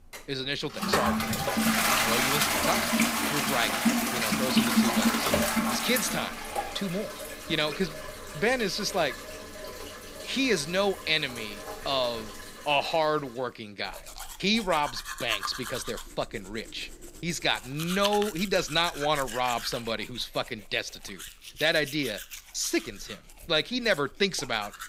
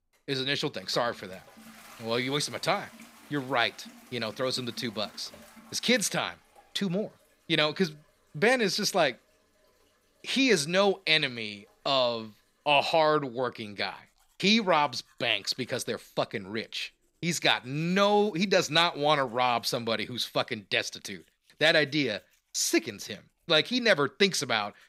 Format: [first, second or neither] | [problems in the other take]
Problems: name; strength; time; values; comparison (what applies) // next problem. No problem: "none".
second | household noises; loud; throughout; as loud as the speech; faint in the second